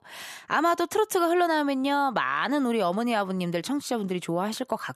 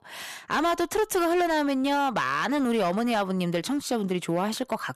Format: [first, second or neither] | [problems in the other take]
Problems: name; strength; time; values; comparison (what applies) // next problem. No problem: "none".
first | distortion; slight; 13% of the sound clipped